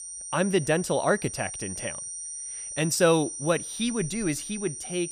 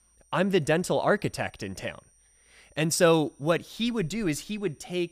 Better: second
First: high-pitched whine; loud; throughout; 9 kHz, 8 dB below the speech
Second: high-pitched whine; faint; throughout; 9 kHz, 35 dB below the speech

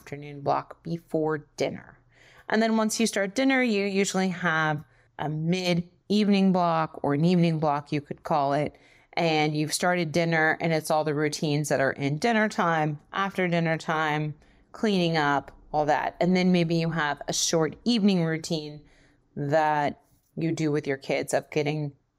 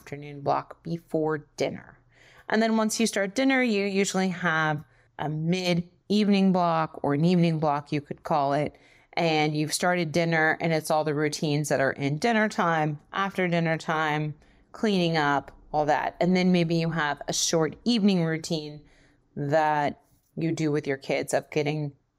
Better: neither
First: none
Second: none

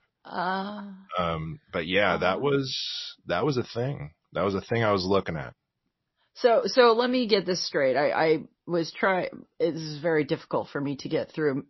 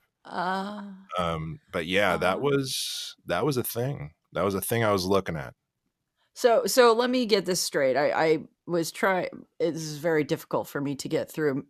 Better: second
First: garbled, watery; slightly; nothing above 5.5 kHz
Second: none

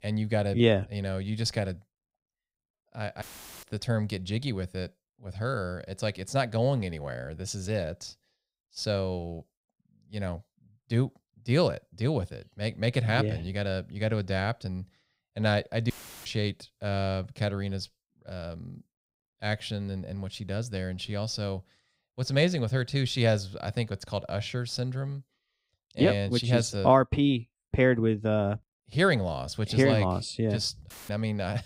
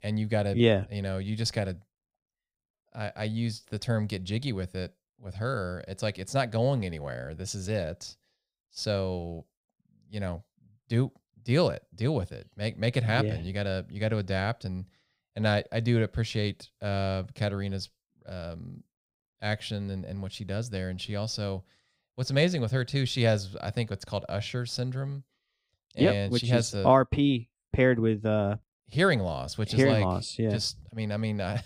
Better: second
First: audio cutting out; filled with static; at 3 s, at 16 s and at 31 s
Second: none

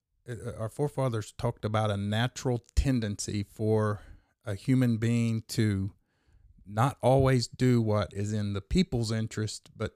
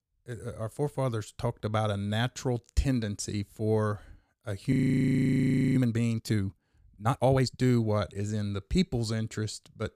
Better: first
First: none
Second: audio freezing; at 4.5 s for 1 s

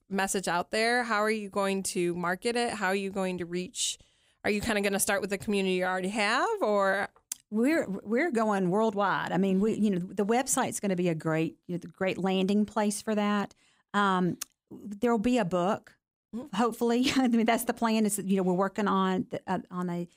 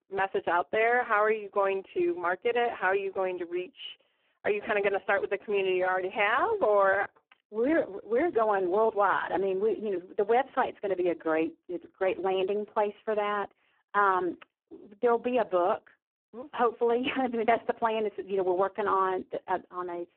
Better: first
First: none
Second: phone-call audio; poor line

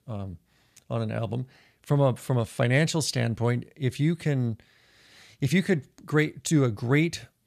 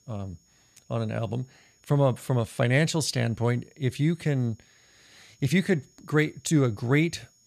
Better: first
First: none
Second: high-pitched whine; faint; throughout; 6.5 kHz, 35 dB below the speech

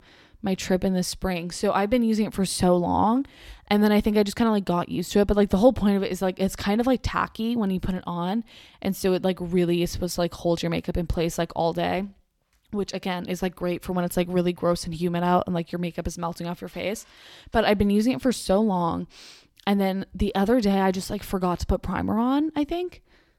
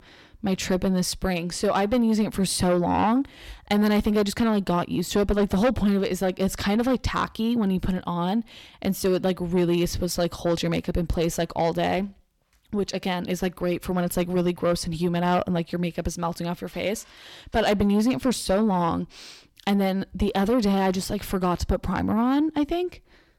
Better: first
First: none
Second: distortion; slight; 10 dB below the speech

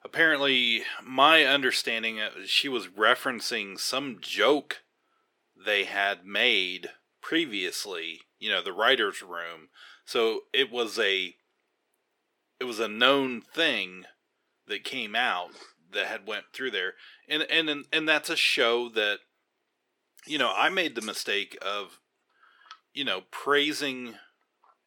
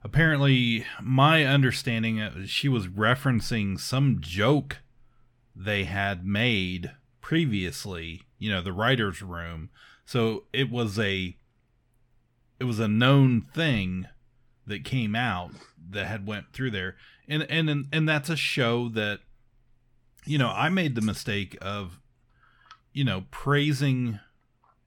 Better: second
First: thin; very; fading below 350 Hz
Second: none

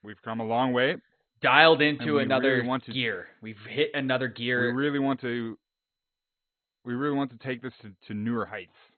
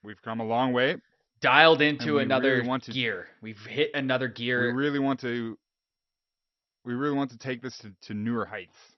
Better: second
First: garbled, watery; badly; nothing above 4 kHz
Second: garbled, watery; slightly; nothing above 6 kHz

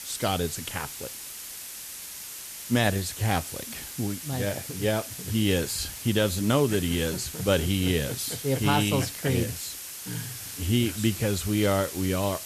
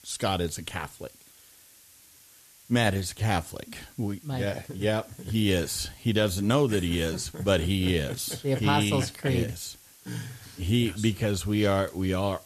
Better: second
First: hiss; loud; throughout; 9 dB below the speech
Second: hiss; faint; throughout; 25 dB below the speech

